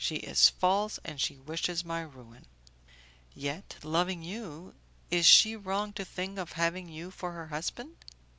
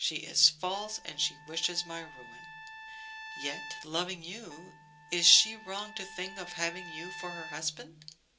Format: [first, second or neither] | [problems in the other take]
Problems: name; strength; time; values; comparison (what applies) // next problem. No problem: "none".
first | background sound (Trumpet); 14 dB below the speech // room echo; dies away in 0.2 s